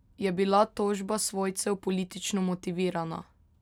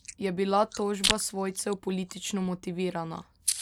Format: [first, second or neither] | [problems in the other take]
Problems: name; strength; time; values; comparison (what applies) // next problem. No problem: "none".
first | background sound (Chewing, mastication); 6 dB below the speech